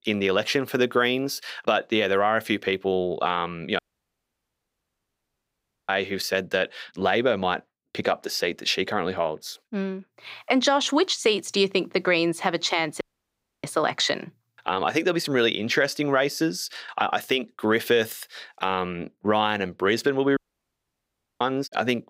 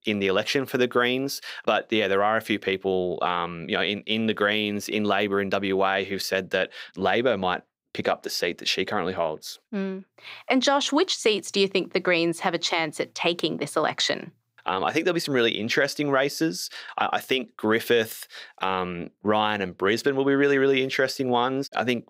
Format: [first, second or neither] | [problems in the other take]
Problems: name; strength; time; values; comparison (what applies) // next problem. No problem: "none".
second | audio cutting out; at 4 s for 2 s, at 13 s for 0.5 s and at 20 s for 1 s